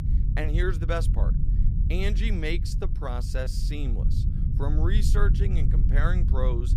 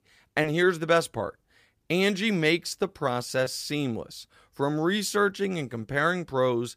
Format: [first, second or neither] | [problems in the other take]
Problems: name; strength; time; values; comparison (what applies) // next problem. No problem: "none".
second | low rumble; loud; throughout; 8 dB below the speech